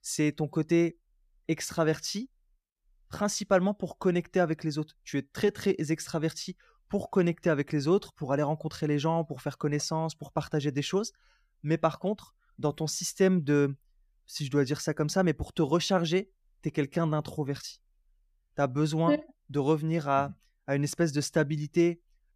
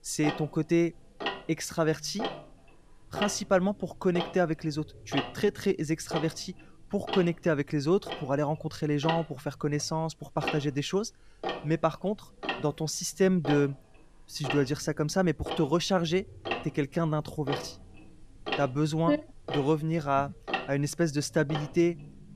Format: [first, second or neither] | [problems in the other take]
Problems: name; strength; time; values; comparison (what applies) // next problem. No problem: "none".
first | household noises; loud; throughout; 8 dB below the speech